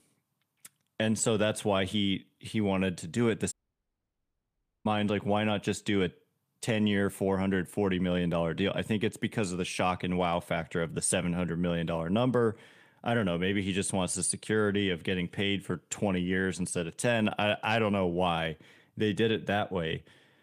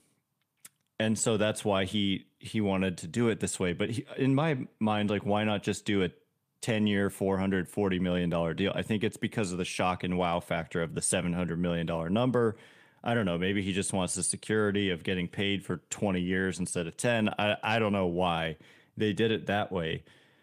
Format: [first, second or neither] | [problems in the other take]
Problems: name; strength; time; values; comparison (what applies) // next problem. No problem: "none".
second | audio cutting out; at 3.5 s for 1.5 s